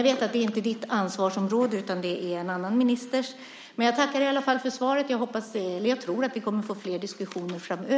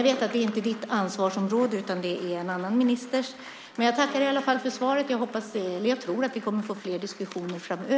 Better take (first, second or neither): first